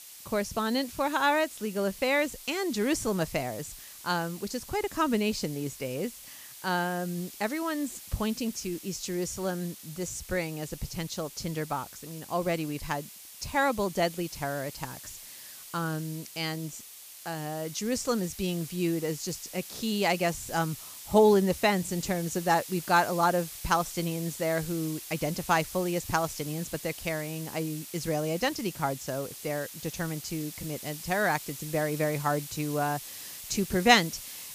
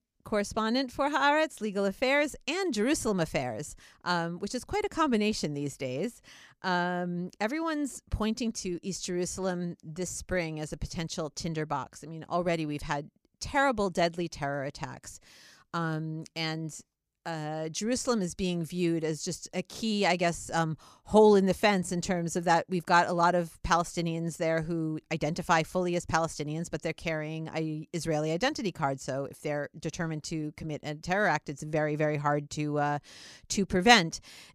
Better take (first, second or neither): second